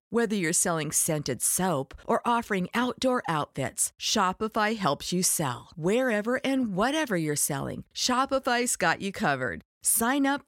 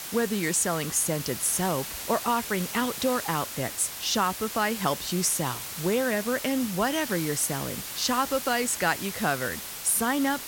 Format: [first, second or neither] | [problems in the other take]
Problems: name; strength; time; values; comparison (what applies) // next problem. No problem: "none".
first | hiss; loud; throughout; 7 dB below the speech